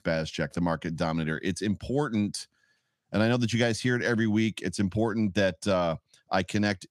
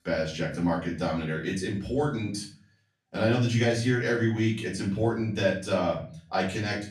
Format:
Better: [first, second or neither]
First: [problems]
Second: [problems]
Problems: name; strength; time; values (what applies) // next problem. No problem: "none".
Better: first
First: none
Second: room echo; slight; dies away in 0.4 s // off-mic speech; far